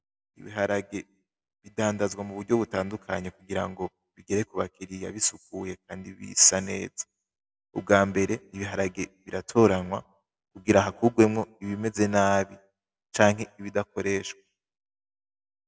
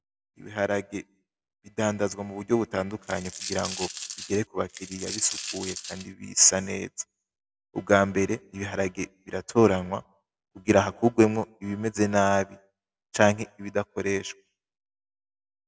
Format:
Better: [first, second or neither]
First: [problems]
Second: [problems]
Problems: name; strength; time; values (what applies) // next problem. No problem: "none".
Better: first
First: none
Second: background sound (Coin (dropping)); 10 dB below the speech